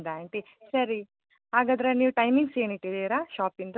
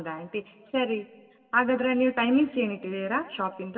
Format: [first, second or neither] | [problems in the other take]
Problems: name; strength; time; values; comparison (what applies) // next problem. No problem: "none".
first | room echo; dies away in 1.6 s